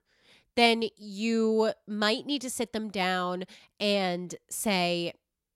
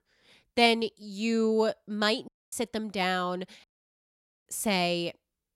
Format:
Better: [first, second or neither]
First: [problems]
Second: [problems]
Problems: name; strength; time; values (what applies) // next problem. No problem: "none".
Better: first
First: none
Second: audio cutting out; at 2.5 s and at 3.5 s for 1 s